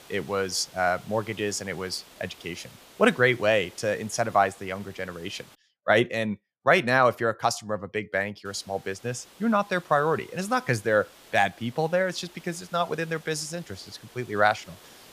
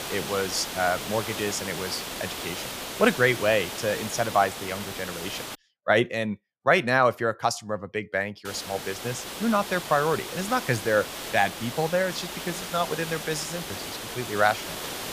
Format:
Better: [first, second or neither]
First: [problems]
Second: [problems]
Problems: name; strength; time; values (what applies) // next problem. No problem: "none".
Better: first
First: hiss; faint; until 5.5 s and from 8.5 s on; 25 dB below the speech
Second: hiss; loud; until 5.5 s and from 8.5 s on; 7 dB below the speech